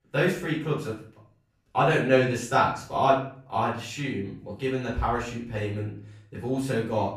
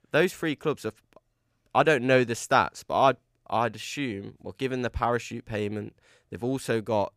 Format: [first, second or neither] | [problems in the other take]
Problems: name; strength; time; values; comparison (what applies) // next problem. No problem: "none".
second | off-mic speech; far // room echo; noticeable; dies away in 0.4 s